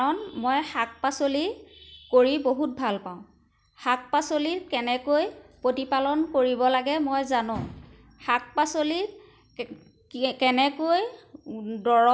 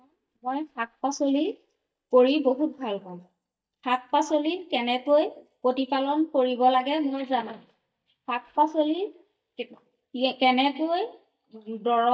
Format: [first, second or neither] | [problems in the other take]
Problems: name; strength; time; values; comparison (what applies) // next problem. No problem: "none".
first | noise reduction (neural mask model DeepFilterNet 3)